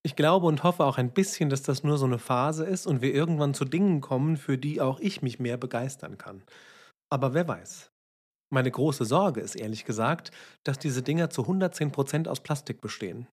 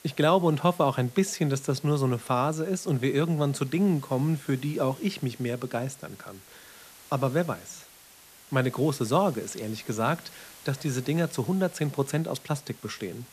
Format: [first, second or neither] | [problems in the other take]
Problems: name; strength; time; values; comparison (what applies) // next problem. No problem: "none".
first | hiss; faint; throughout; 20 dB below the speech